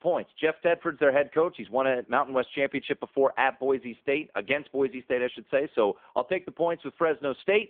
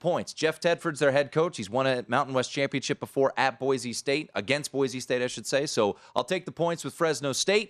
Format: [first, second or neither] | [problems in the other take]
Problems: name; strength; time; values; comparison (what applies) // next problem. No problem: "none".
second | phone-call audio; poor line